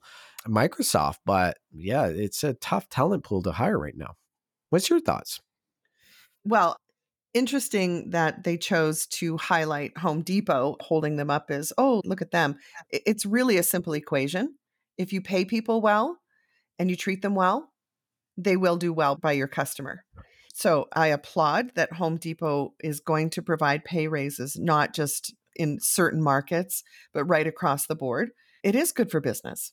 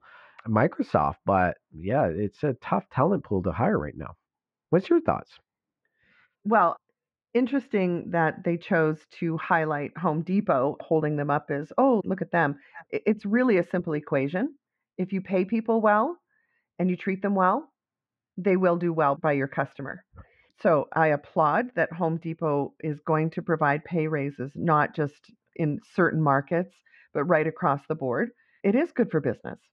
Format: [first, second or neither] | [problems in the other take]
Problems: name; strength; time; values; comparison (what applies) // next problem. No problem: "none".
first | muffled; very; fading above 2 kHz